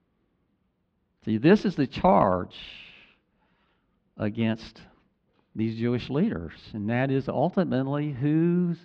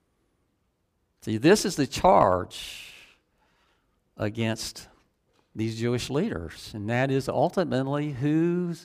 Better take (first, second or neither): second